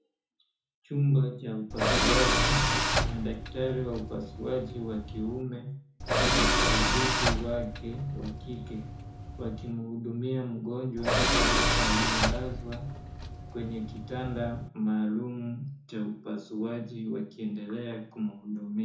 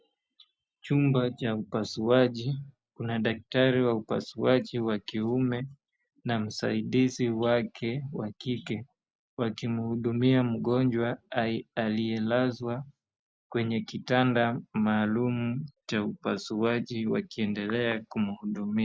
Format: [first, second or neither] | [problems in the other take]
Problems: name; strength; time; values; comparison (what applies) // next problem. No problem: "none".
second | background sound (Tools); 5 dB above the speech // room echo; dies away in 0.5 s